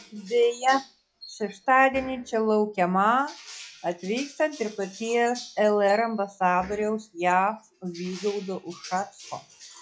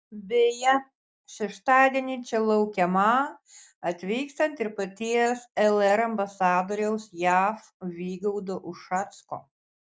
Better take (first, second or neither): second